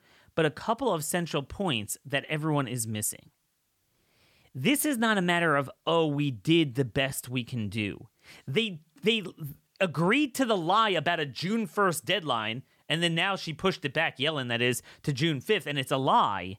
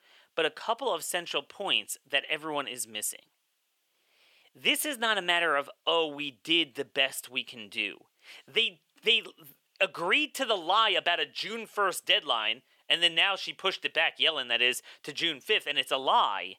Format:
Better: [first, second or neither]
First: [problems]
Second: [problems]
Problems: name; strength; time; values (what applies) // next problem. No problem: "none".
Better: first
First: none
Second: thin; somewhat; fading below 500 Hz